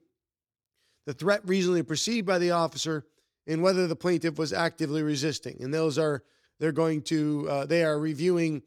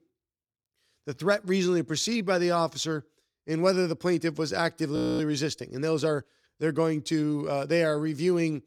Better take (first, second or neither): first